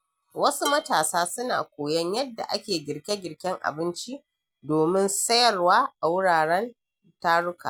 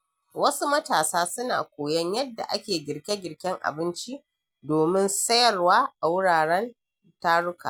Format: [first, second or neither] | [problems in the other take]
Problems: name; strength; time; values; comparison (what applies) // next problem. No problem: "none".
second | background sound (Dishes, pots, and pans); 14 dB below the speech